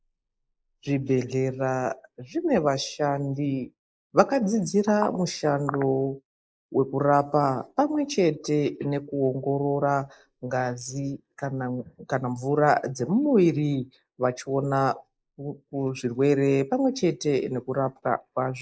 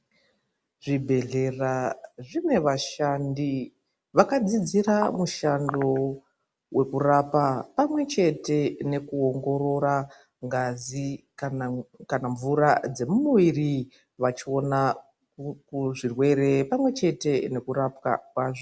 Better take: second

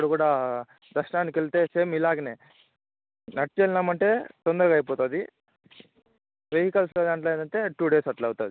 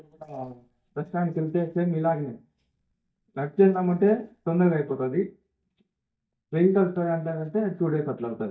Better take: first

